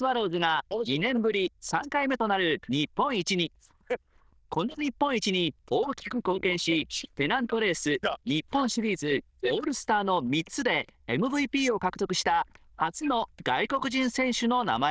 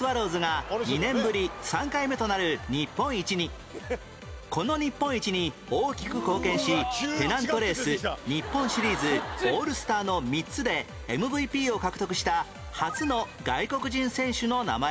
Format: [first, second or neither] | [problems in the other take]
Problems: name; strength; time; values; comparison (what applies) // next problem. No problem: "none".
second | noise reduction (neural diffusion model UNIVERSE++)